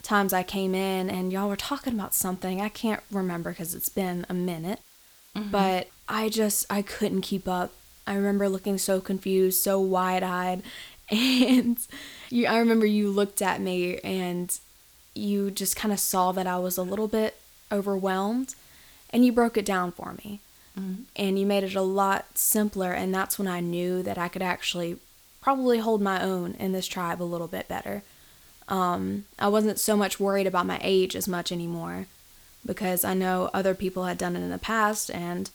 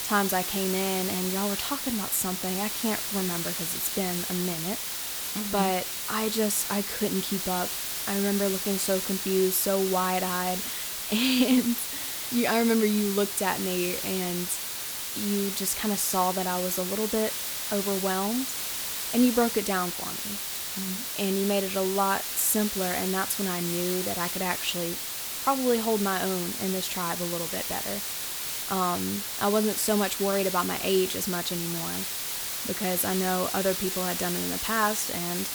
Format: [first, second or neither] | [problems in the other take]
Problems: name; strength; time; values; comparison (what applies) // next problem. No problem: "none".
first | hiss; loud; throughout; 2 dB below the speech; faint in the first